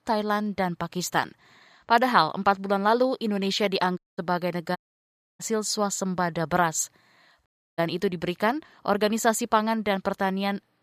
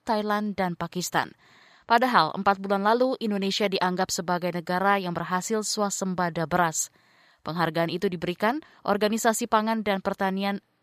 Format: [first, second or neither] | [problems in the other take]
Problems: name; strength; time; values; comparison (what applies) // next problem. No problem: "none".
second | audio cutting out; at 4 s, at 5 s for 0.5 s and at 7.5 s